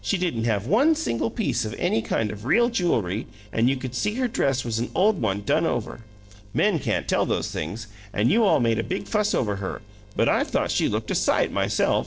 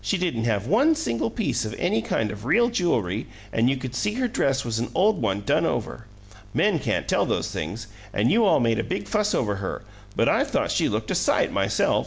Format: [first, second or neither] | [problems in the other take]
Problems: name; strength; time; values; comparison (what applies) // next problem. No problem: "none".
second | noise reduction (neural separator model SepFormer DNS4)